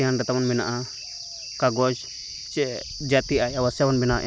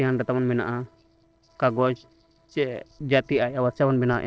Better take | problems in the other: first | noise reduction (neural separator model SepFormer DNS4)

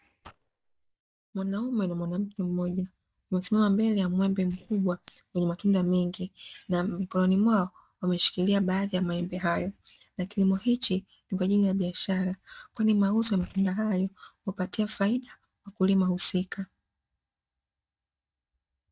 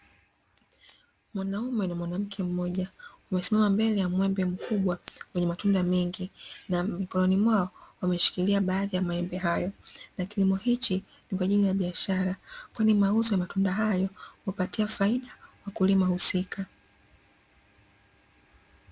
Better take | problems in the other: second | noise reduction (neural mask model DeepFilterNet 3)

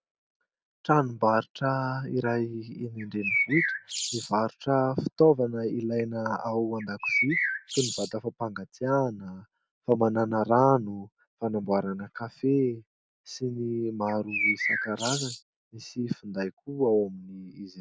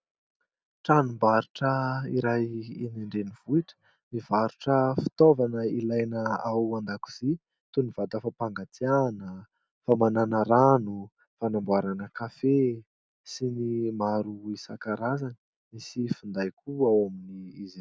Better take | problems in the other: second | background sound (Bird); 2 dB below the speech

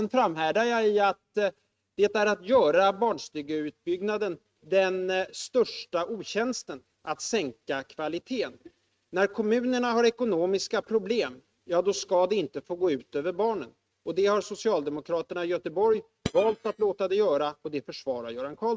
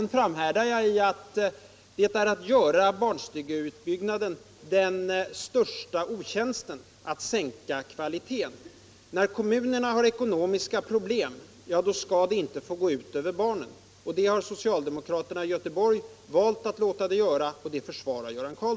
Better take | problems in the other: second | noise reduction (neural mask model RNNoise)

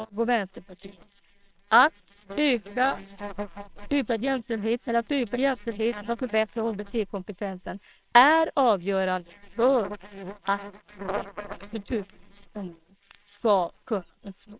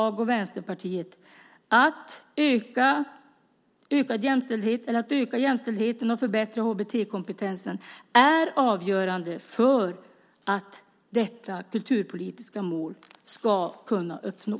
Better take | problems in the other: second | noise reduction (neural separator model SepFormer WHAMR!)

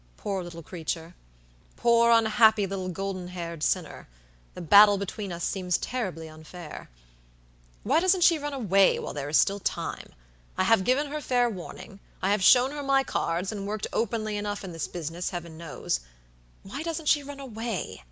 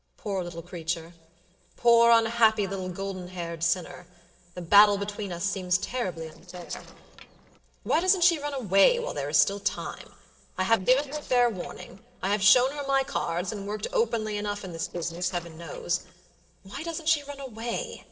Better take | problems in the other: first | noise reduction (neural separator model SepFormer DNS4)

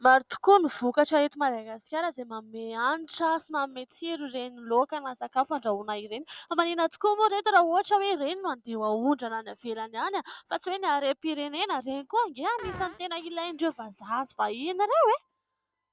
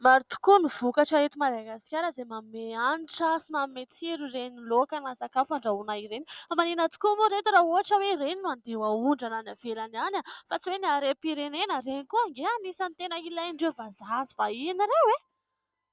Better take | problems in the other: second | background sound (Fart); 20 dB below the speech

